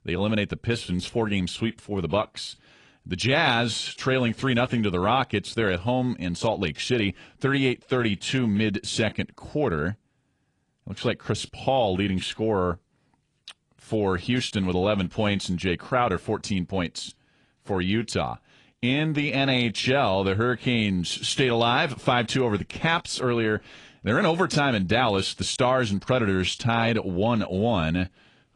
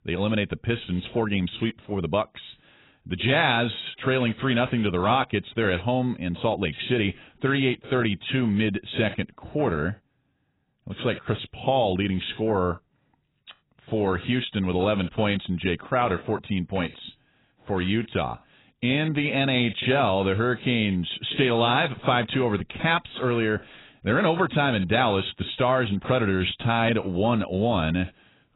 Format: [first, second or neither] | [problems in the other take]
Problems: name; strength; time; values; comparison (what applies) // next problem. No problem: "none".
first | garbled, watery; badly; nothing above 4 kHz; slightly in the first